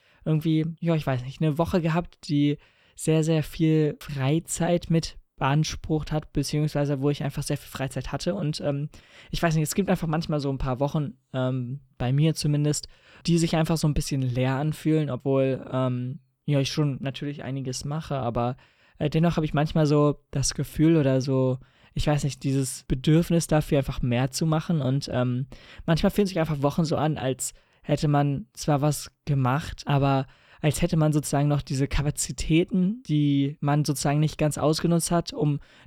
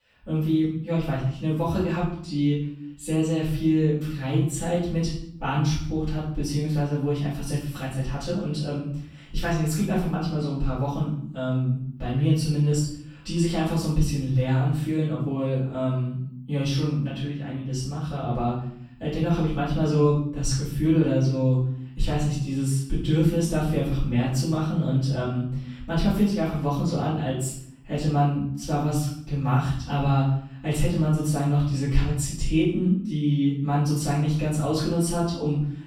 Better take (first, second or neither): first